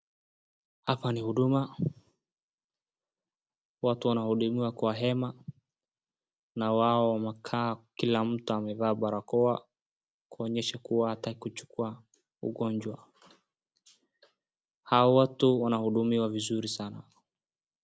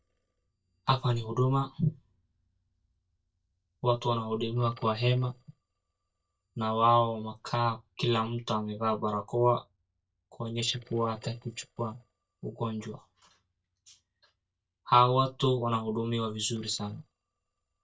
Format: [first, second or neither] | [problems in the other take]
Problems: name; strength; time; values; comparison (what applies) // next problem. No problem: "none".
first | noise reduction (neural mask model DeepFilterNet 3)